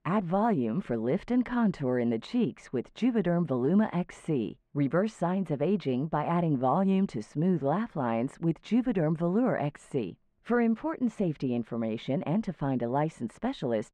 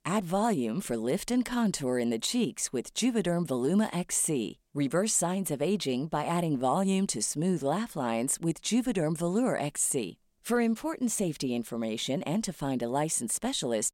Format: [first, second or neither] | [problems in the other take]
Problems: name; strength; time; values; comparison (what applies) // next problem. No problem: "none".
second | muffled; very; fading above 1.5 kHz